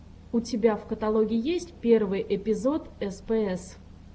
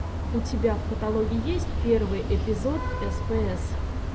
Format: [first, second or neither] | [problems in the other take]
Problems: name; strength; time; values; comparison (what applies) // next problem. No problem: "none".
first | background sound (Vehicle horn, car horn, honking); 1 dB above the speech